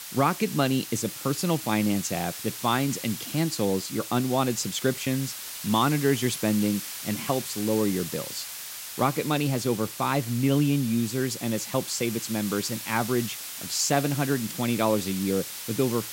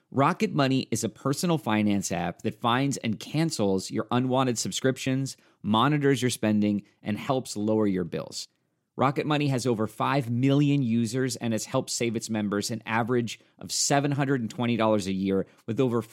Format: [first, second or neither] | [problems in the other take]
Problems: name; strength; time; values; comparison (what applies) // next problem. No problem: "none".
second | hiss; loud; throughout; 8 dB below the speech